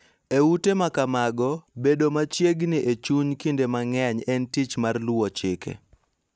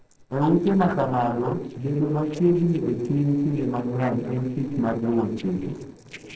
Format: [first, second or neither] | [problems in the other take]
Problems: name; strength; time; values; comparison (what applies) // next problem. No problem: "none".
first | noise reduction (neural separator model SepFormer DNS4)